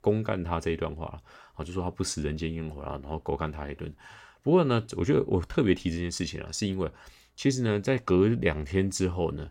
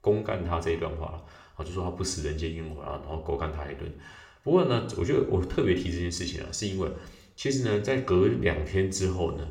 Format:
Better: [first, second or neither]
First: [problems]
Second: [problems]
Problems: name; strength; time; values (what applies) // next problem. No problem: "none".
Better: first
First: none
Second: room echo; slight; dies away in 0.6 s